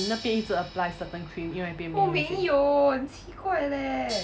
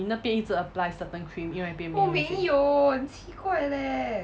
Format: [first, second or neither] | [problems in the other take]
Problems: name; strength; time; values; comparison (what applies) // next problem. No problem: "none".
second | background sound (Crash cymbal); 17 dB below the speech